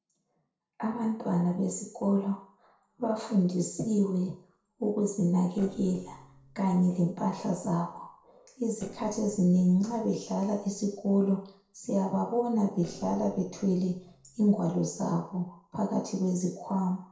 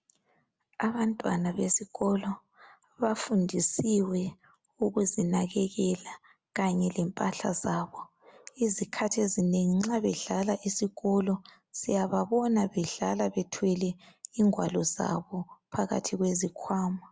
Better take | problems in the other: second | noise reduction (neural separator model SepFormer DNS4)

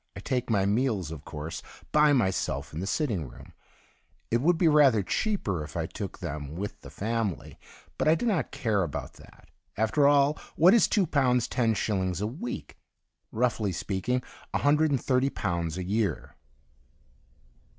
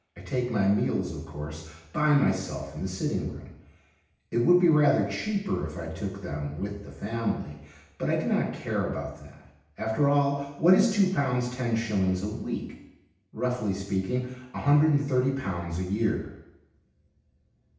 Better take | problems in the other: first | room echo; dies away in 0.9 s

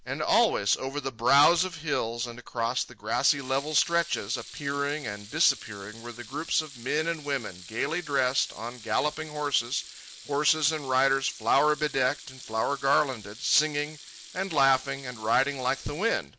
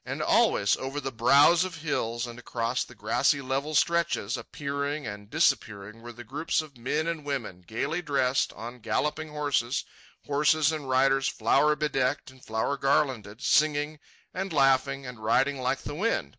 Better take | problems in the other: second | background sound (Sink (filling or washing) / Water tap, faucet); 18 dB below the speech

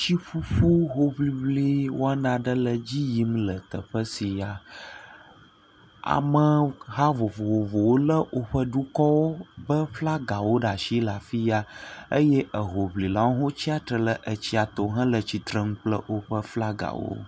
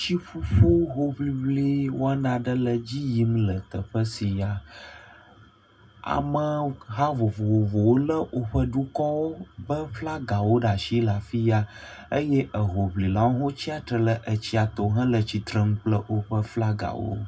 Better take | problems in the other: first | room echo; dies away in 0.2 s

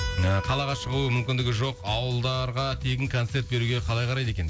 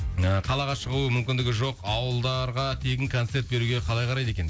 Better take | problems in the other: second | background sound (Keyboard (musical)); 17 dB below the speech

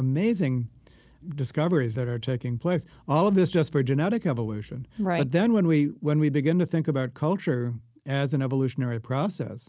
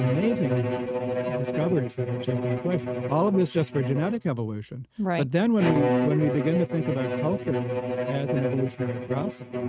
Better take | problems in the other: first | noise reduction (neural mask model RNNoise)

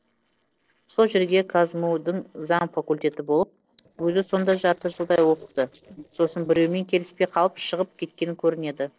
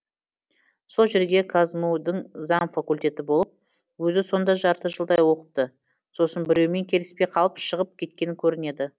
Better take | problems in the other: second | noise reduction (neural separator model SepFormer DNS4)

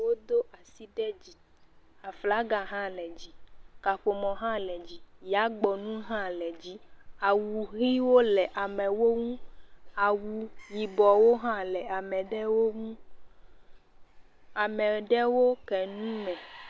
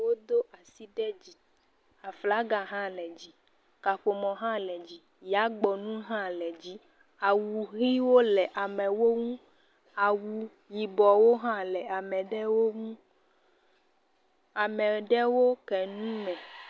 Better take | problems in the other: second | background sound (Gull, seagull / Fowl); 17 dB below the speech

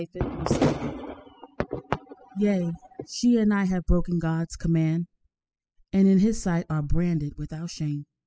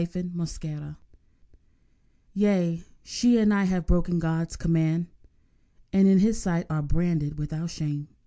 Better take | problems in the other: second | noise reduction (classical method spectral subtraction)

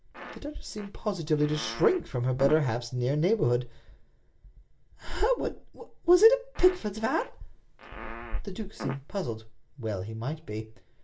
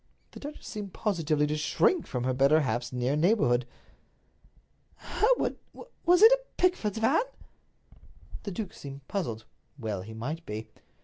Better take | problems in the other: second | background sound (Fart); 14 dB below the speech // room echo; dies away in 0.2 s

